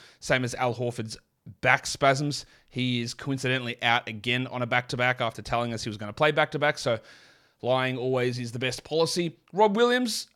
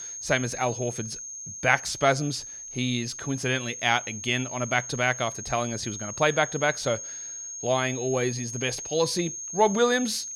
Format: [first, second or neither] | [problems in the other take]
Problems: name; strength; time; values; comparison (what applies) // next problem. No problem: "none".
first | high-pitched whine; loud; throughout; 6.5 kHz, 8 dB below the speech